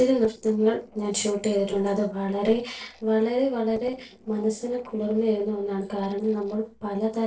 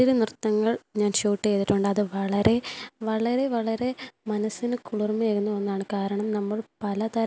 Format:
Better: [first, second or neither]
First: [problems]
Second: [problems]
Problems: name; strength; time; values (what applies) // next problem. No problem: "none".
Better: second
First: noise reduction (neural separator model SepFormer DNS4)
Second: none